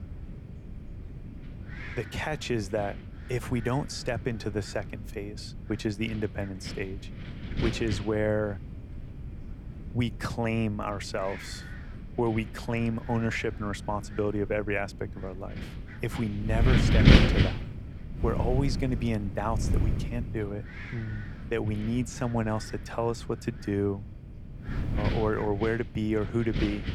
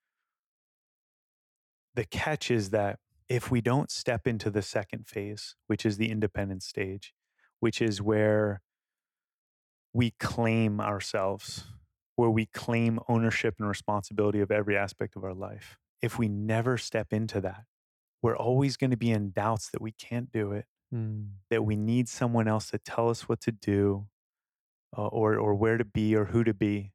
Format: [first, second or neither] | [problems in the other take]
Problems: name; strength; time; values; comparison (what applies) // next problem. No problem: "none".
second | wind noise on the microphone; heavy; 3 dB below the speech